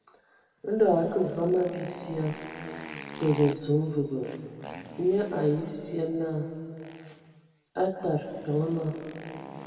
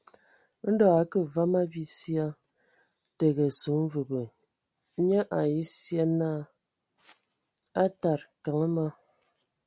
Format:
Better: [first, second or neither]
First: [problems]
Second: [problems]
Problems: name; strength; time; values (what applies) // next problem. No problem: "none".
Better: second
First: background sound (Motorcycle); 16 dB below the speech // room echo; dies away in 2.3 s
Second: none